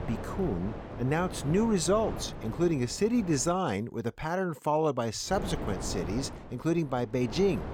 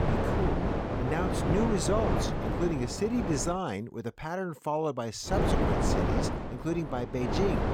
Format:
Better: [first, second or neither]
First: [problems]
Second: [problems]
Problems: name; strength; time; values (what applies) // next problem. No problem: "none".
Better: first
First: wind noise on the microphone; occasional gusts; until 3.5 s and from 5.5 s on; 10 dB below the speech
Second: wind noise on the microphone; heavy; until 3.5 s and from 5.5 s on; 1 dB above the speech